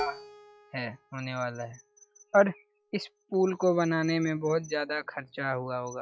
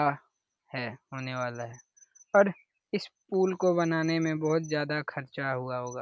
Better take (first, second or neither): second